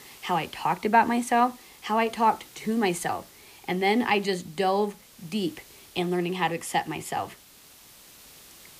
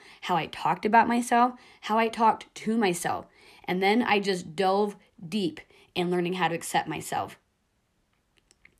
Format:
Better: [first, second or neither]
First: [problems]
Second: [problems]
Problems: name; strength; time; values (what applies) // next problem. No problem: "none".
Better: second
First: hiss; faint; throughout; 25 dB below the speech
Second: none